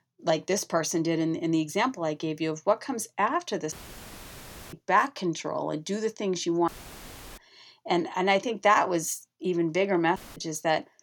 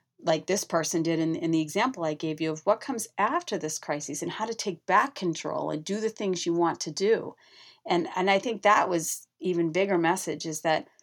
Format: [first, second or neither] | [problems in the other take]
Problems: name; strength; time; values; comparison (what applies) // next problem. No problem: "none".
second | audio cutting out; filled with static; at 3.5 s for 1 s, at 6.5 s for 0.5 s and at 10 s